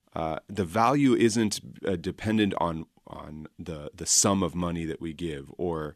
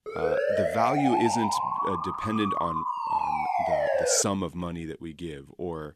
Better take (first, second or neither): first